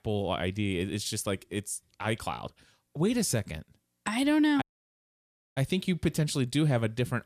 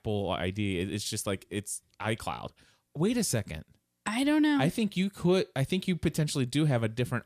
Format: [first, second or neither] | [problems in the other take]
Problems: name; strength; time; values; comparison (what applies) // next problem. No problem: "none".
second | audio cutting out; at 4.5 s for 1 s